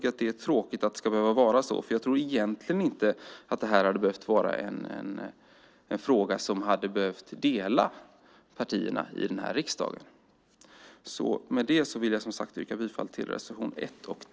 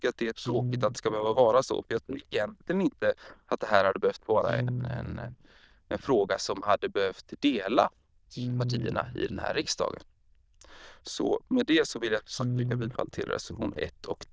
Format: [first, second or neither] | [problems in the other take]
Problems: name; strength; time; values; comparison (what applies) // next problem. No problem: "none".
first | noise reduction (neural diffusion model UNIVERSE++)